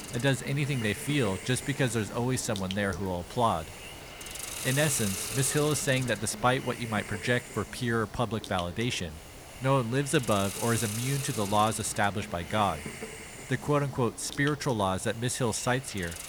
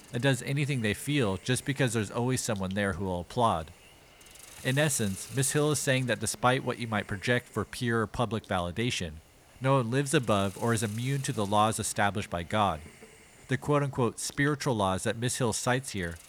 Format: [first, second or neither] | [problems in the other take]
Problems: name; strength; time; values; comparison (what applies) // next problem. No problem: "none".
second | hiss; loud; throughout; 10 dB below the speech; faint in the second